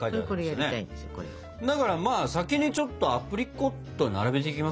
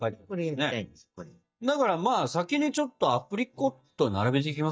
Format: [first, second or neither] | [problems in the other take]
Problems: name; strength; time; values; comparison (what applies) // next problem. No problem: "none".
first | noise reduction (neural mask model DeepFilterNet 3)